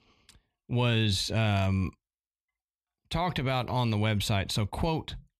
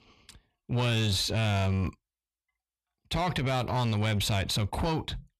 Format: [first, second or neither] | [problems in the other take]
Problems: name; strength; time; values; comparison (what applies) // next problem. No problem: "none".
first | distortion; slight; 10 dB below the speech